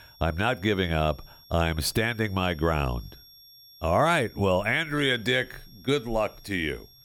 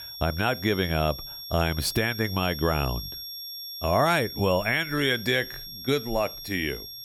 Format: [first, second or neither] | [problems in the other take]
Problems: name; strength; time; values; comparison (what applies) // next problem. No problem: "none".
first | high-pitched whine; loud; throughout; 5.5 kHz, 10 dB below the speech; faint in the first